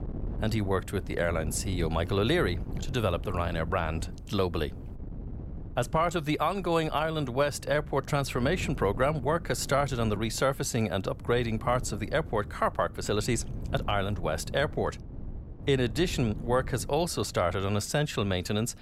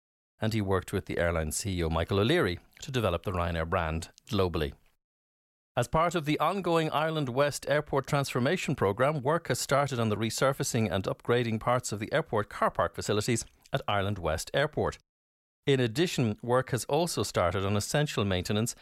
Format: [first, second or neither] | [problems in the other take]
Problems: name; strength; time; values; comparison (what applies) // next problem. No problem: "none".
second | wind noise on the microphone; occasional gusts; 20 dB below the speech